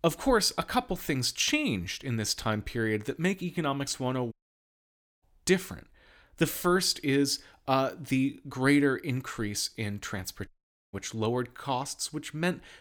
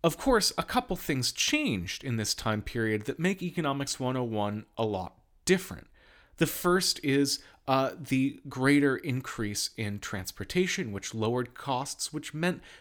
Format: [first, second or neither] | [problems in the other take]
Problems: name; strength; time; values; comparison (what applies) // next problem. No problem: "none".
second | audio cutting out; at 4.5 s for 1 s and at 10 s